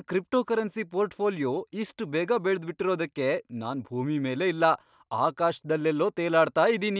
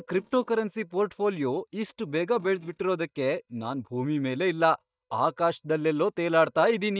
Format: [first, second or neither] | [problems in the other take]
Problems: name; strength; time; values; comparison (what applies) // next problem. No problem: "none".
first | noise reduction (neural mask model DeepFilterNet 3)